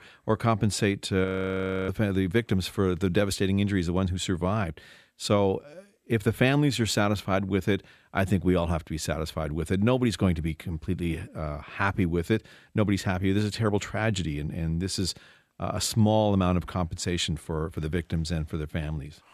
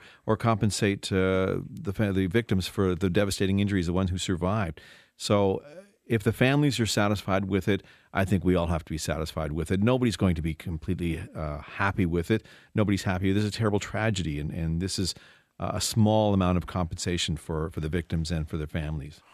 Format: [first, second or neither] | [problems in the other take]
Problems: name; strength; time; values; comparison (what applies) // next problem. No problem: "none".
second | audio freezing; at 1.5 s for 0.5 s